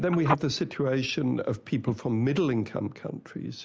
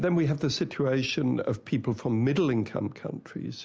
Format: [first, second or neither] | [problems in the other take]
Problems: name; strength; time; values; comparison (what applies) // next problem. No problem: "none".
second | noise reduction (neural mask model Resemble Enhance denoiser)